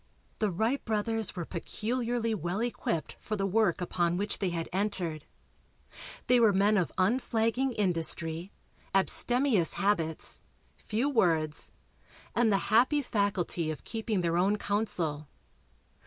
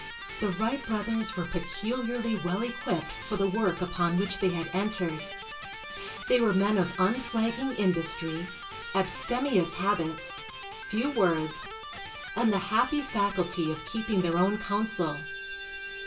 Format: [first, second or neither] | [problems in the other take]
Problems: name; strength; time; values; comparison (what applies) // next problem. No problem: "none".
first | background sound (Electric guitar); 11 dB below the speech // room echo; dies away in 0.2 s